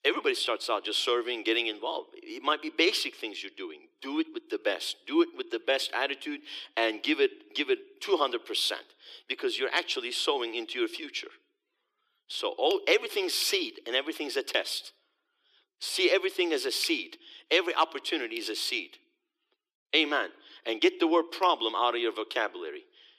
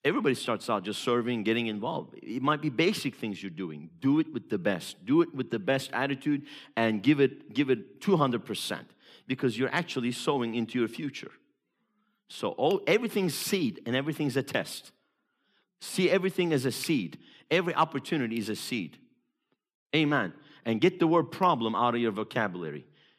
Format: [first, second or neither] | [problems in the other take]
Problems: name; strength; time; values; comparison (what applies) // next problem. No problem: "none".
second | thin; very; fading below 350 Hz